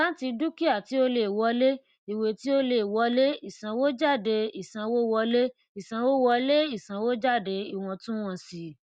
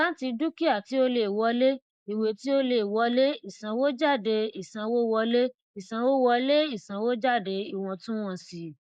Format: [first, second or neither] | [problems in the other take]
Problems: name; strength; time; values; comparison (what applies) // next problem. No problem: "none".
first | noise reduction (neural mask model Resemble Enhance denoiser)